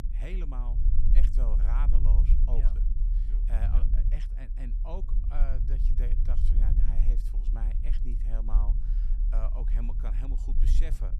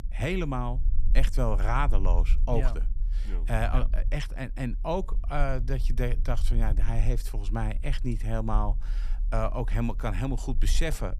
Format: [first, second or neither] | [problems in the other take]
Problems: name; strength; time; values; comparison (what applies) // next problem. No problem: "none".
second | low rumble; loud; throughout; 4 dB below the speech; faint in the second